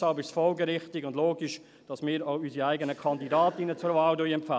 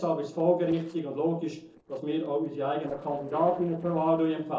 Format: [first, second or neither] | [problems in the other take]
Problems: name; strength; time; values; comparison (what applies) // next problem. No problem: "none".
first | noise reduction (neural separator model SepFormer DNS4)